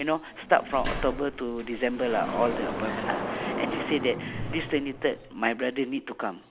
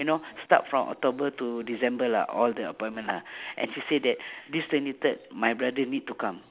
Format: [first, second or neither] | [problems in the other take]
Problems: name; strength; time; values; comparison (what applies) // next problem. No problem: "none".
second | background sound (Sliding door); 6 dB below the speech